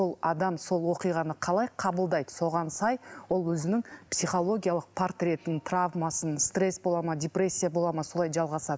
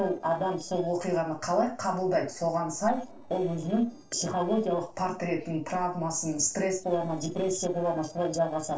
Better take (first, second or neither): first